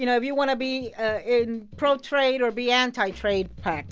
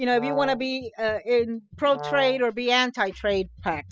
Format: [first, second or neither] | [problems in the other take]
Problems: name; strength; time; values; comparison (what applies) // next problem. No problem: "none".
first | noise reduction (classical method spectral subtraction)